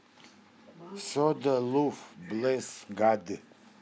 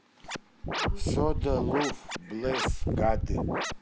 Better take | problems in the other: first | background sound (Scratching (performance technique)); 3 dB above the speech

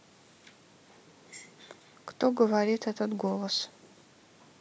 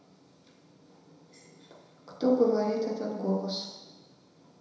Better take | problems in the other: first | room echo; dies away in 1 s

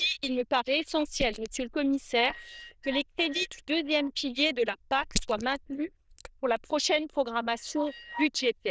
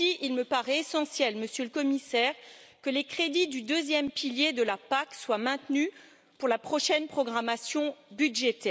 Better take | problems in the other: second | noise reduction (neural diffusion model UNIVERSE++)

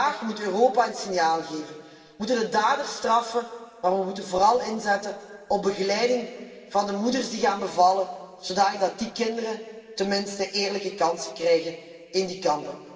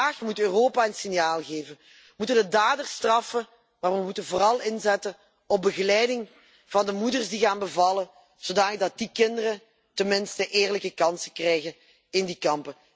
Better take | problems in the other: second | room echo; dies away in 1.9 s

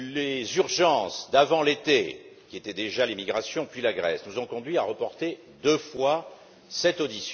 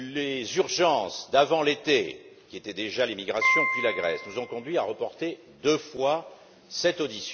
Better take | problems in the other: first | background sound (Piano); 2 dB below the speech

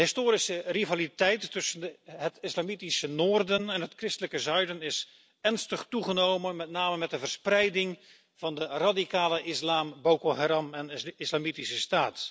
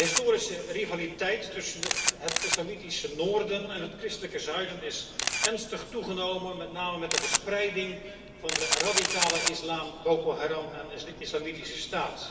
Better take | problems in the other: first | background sound (Camera); 2 dB below the speech // room echo; dies away in 2.4 s

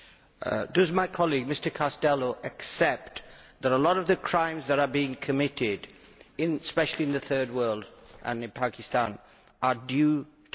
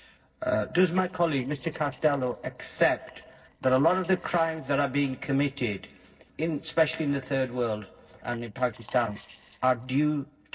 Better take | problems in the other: first | noise reduction (neural separator model SepFormer DNS4)

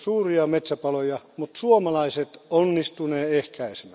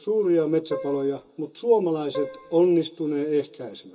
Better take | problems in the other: first | background sound (Keyboard (musical)); 11 dB below the speech // room echo; dies away in 0.2 s

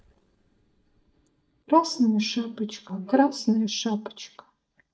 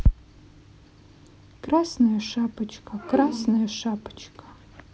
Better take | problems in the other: second | noise reduction (neural mask model DeepFilterNet 3)

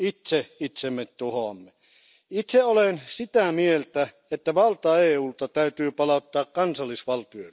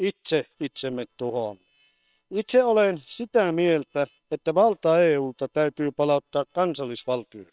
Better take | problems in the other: first | noise reduction (neural separator model SepFormer WHAM!)

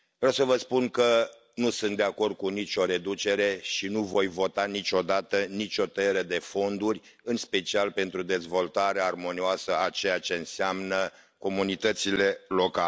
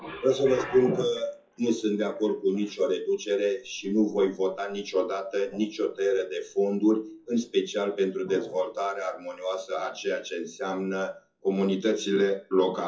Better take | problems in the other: first | noise reduction (classical method WPE with log-MMSE)

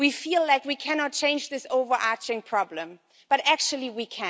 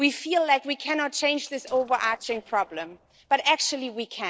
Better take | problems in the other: first | noise reduction (neural separator model SepFormer DNS4)

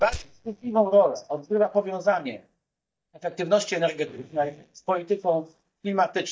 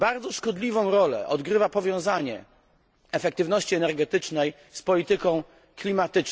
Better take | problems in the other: second | noise reduction (neural mask model DeepFilterNet 3)

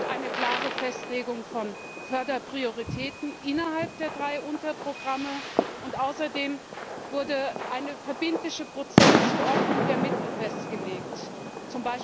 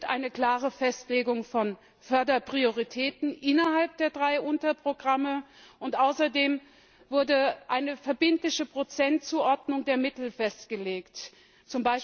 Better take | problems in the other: second | background sound (Fireworks); 2 dB above the speech

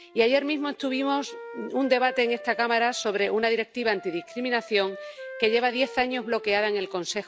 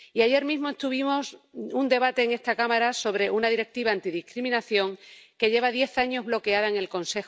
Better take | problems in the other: second | background sound (Wind instrument, woodwind instrument); 16 dB below the speech

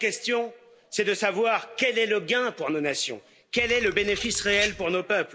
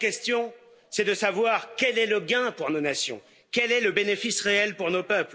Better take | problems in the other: second | background sound (Bird vocalization, bird call, bird song); 10 dB below the speech

